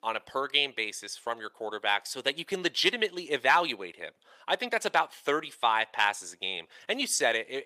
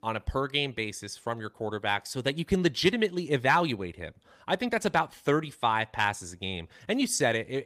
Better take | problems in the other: second | thin; somewhat; fading below 450 Hz

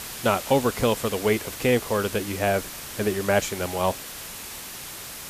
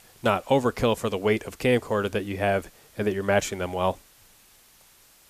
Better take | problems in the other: second | hiss; loud; throughout; 10 dB below the speech; faint in the second

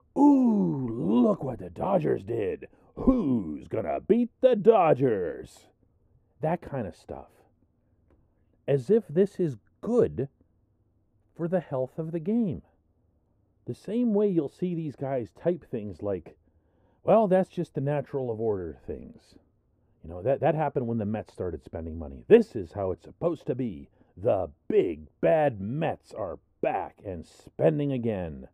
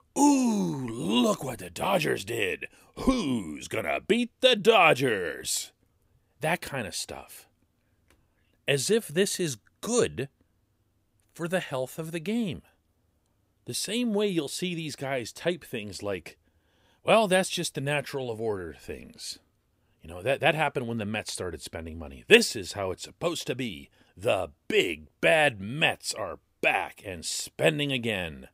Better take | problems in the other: second | muffled; very; fading above 1.5 kHz

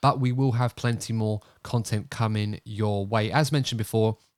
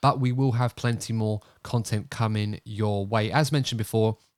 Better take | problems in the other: neither | none

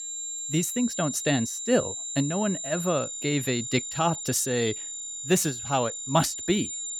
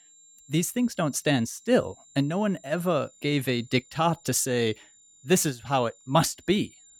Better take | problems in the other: second | high-pitched whine; loud; throughout; 7 kHz, 5 dB below the speech; faint in the second

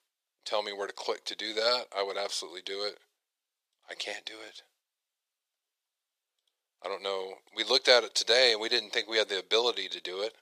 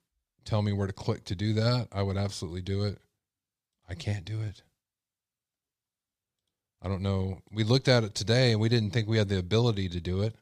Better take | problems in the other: second | thin; very; fading below 450 Hz

